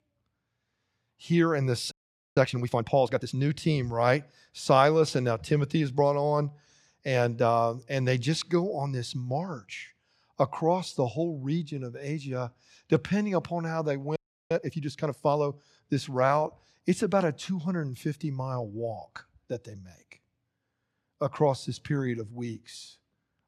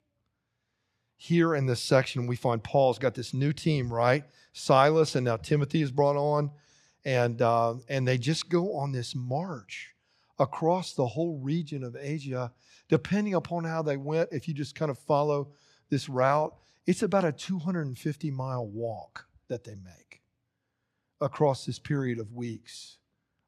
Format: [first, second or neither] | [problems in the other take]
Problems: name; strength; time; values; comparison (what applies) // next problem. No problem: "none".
second | audio freezing; at 2 s and at 14 s